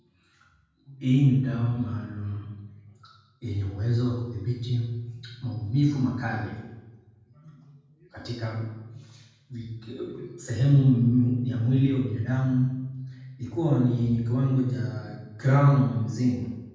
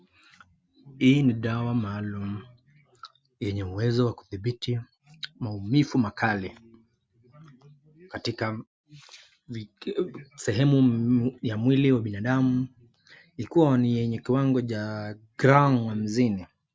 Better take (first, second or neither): second